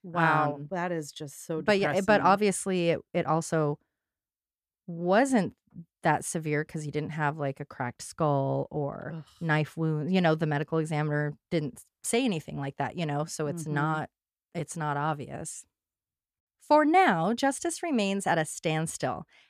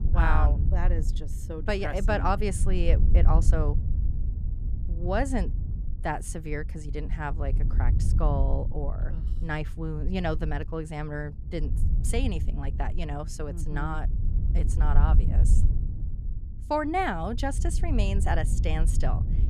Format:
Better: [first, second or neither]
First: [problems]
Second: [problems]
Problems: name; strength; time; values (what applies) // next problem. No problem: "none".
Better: first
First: none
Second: wind noise on the microphone; occasional gusts; 15 dB below the speech